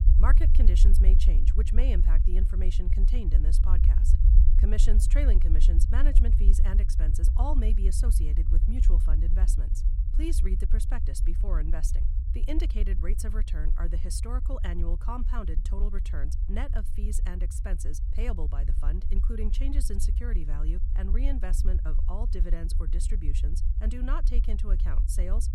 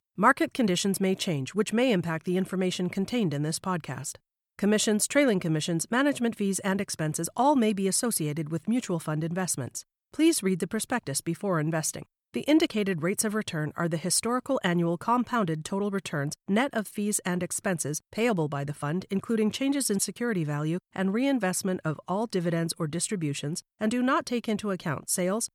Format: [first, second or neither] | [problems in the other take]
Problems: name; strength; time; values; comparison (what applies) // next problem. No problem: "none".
second | low rumble; loud; throughout; 6 dB below the speech